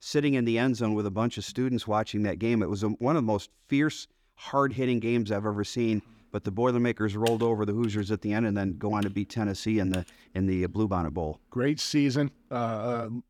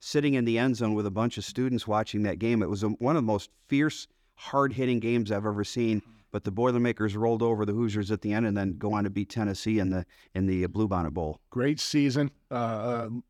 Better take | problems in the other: second | keyboard typing; faint; from 7.5 to 10 s; peak 10 dB below the speech

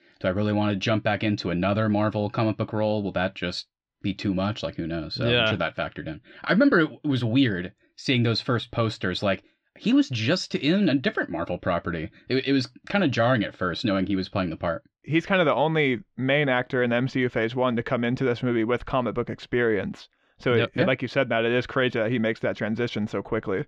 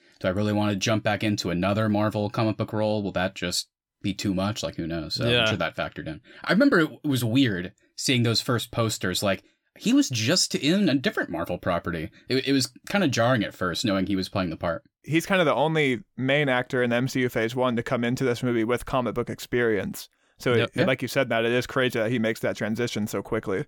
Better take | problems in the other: second | muffled; very slightly; fading above 4 kHz

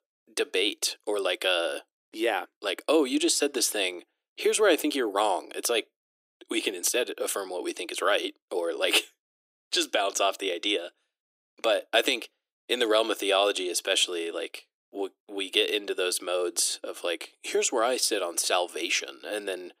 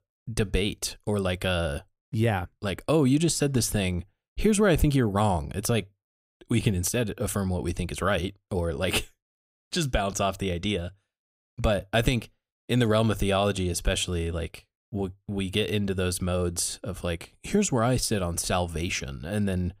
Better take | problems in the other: second | thin; very; fading below 300 Hz

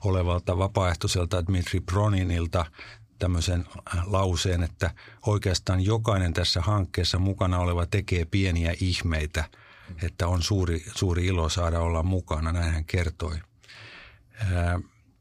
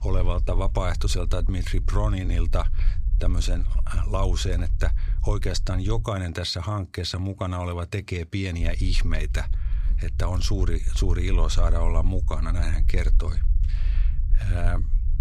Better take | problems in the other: first | low rumble; noticeable; until 6 s and from 8.5 s on; 15 dB below the speech

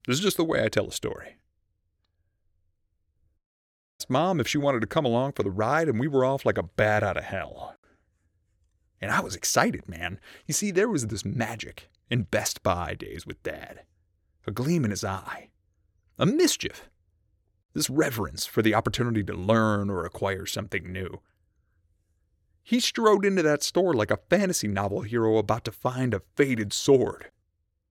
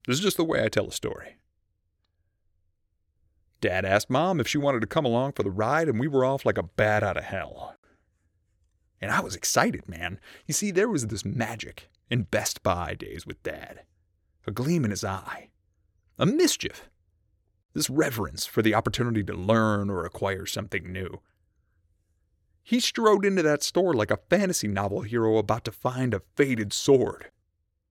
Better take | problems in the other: second | audio cutting out; at 3.5 s for 0.5 s

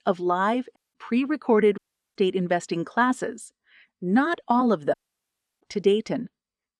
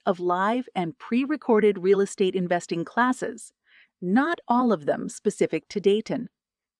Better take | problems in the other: second | audio cutting out; at 1 s, at 2 s and at 5 s for 0.5 s

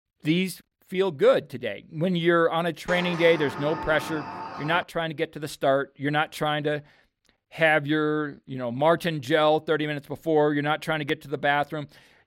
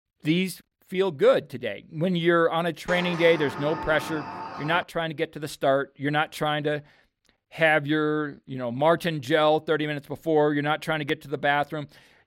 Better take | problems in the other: neither | door banging; noticeable; from 3 to 5 s; peak 8 dB below the speech; the same in both

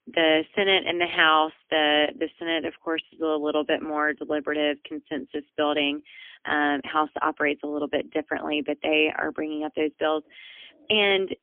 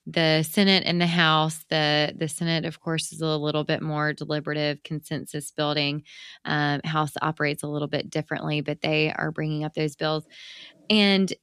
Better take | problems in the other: second | phone-call audio; poor line; nothing above 3.5 kHz

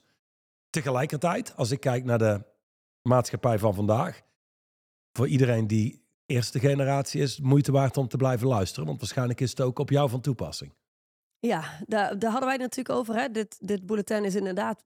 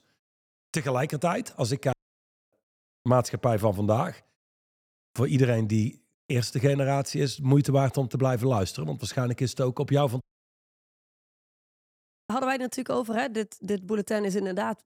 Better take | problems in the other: first | audio cutting out; at 2 s for 0.5 s and at 10 s for 2 s

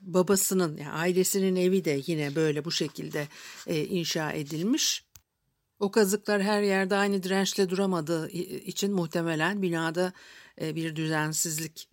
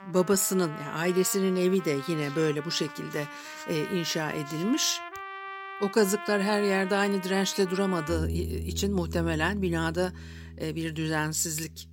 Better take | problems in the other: first | background music; noticeable; throughout; 10 dB below the speech

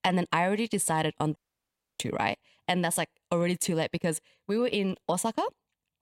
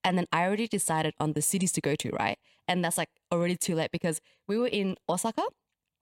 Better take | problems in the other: second | audio cutting out; at 1.5 s for 0.5 s

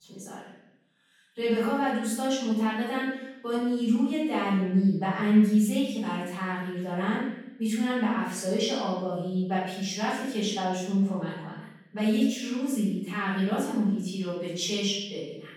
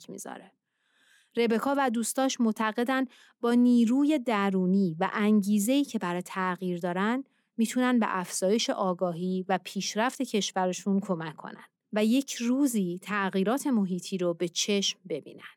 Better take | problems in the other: second | off-mic speech; far // room echo; strong; dies away in 0.9 s

